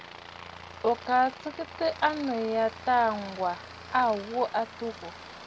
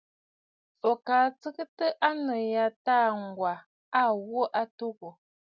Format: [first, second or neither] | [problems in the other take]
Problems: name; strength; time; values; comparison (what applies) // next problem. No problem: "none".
second | background sound (Aircraft); 15 dB below the speech